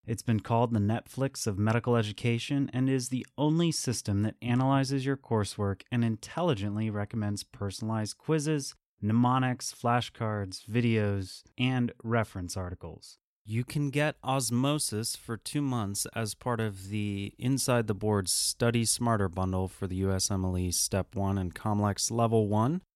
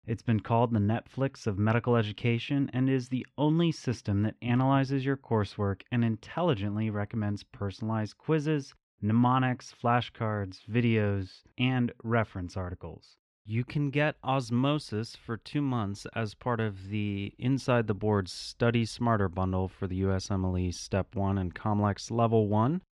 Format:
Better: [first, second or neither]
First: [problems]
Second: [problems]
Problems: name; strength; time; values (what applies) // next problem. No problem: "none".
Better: first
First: none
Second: muffled; slightly; fading above 2.5 kHz